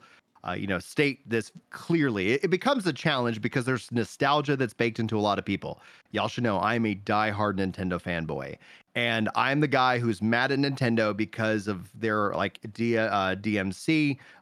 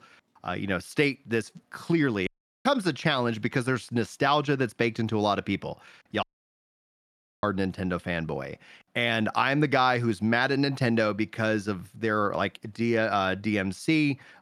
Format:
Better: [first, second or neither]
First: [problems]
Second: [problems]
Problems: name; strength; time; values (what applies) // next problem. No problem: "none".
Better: first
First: none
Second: audio cutting out; at 2.5 s and at 6 s for 1 s